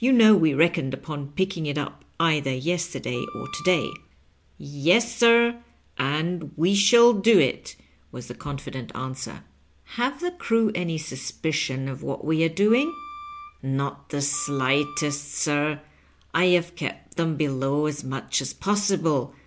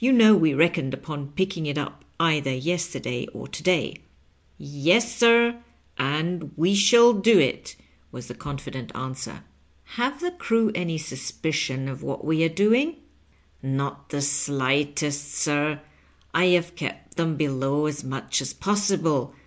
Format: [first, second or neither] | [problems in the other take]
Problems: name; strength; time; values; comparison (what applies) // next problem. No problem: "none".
second | background sound (Wind instrument, woodwind instrument); 17 dB below the speech